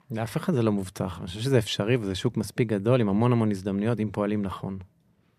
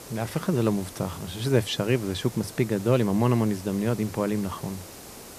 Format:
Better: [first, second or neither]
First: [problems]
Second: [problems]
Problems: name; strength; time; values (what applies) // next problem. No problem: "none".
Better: first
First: none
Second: hiss; noticeable; throughout; 15 dB below the speech